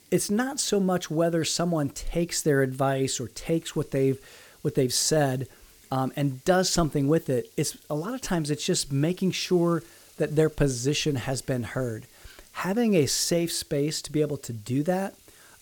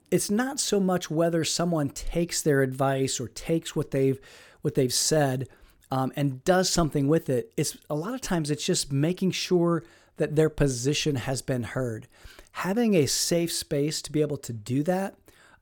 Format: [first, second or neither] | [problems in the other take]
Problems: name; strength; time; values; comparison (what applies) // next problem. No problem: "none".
second | hiss; faint; throughout; 25 dB below the speech